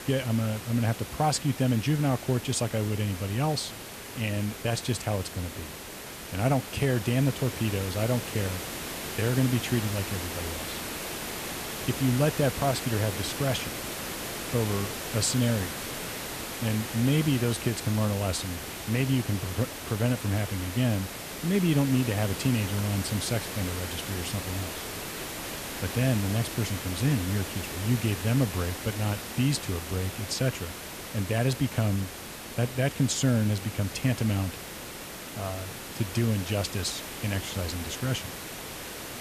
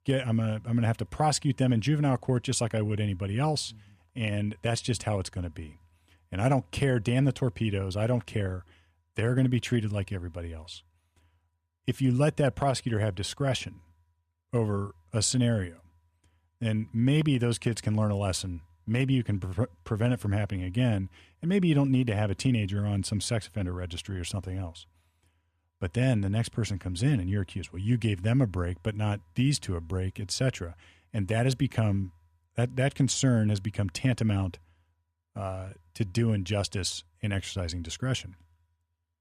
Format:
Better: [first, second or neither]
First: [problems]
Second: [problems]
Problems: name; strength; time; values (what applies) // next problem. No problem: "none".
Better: second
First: hiss; loud; throughout; 7 dB below the speech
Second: none